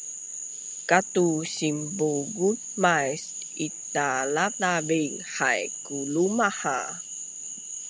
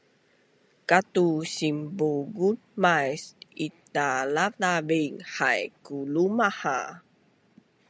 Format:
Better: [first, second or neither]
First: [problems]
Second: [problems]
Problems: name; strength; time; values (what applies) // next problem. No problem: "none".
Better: second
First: background sound (Frog); 9 dB below the speech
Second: none